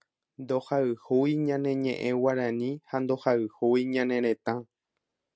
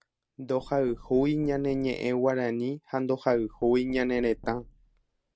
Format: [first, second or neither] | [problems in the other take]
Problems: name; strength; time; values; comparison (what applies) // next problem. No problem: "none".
first | background sound (Knock); 20 dB below the speech